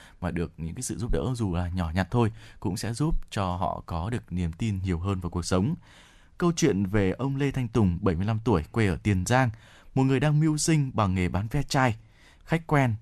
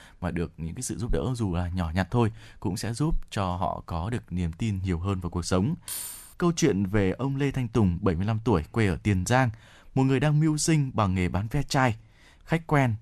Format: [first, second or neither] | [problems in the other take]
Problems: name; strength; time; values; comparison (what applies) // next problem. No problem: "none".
first | jangling keys; noticeable; at 6 s; peak 6 dB below the speech